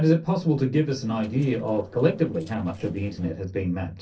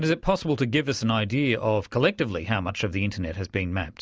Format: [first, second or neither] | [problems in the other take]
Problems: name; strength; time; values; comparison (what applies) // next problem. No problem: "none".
second | noise reduction (neural separator model SepFormer DNS4)